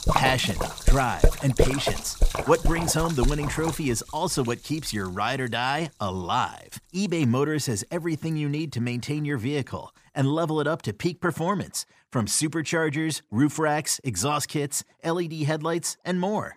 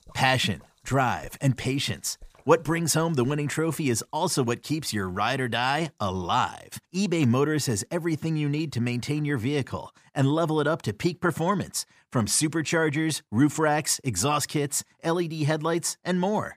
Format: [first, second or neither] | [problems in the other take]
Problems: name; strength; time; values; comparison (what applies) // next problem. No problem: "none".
second | rain or running water; loud; throughout; 2 dB below the speech; faint in the second